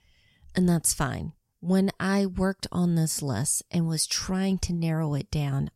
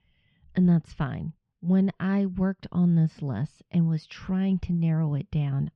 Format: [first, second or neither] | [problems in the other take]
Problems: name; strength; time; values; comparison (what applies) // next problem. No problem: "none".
first | muffled; very; fading above 3 kHz